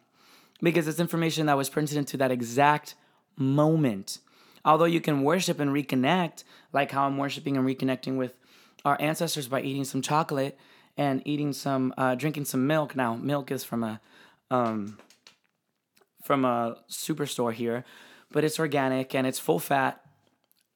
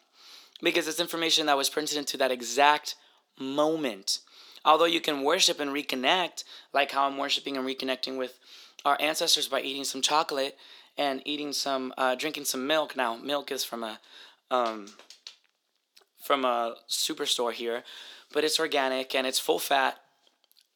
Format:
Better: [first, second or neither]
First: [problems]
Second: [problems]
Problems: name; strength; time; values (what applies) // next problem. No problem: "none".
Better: first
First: none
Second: thin; somewhat; fading below 350 Hz